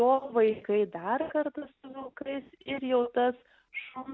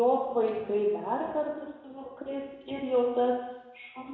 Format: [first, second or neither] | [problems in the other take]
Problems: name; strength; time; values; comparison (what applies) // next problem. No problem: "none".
first | room echo; dies away in 1 s